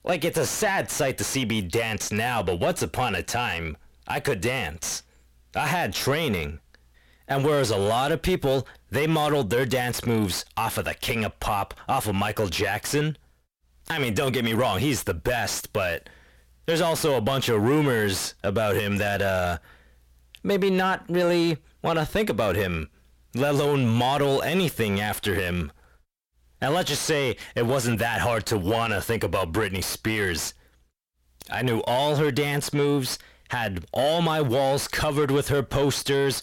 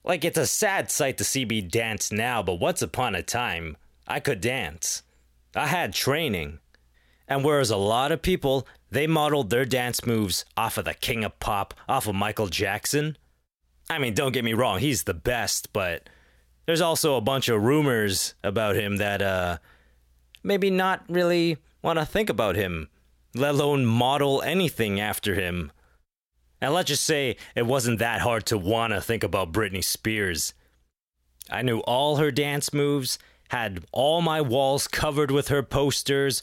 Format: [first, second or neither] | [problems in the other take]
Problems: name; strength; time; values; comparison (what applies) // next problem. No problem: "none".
second | distortion; slight; 10 dB below the speech